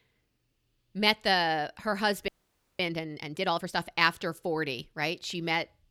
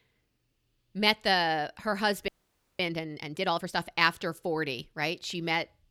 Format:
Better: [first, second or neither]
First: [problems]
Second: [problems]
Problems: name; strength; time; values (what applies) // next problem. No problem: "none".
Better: neither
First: audio freezing; at 2.5 s for 0.5 s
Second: audio freezing; at 2.5 s for 0.5 s